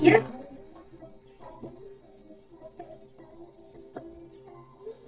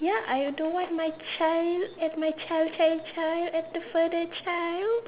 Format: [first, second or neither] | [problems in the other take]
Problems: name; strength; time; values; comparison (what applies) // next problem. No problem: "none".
second | noise reduction (neural mask model DeepFilterNet 3)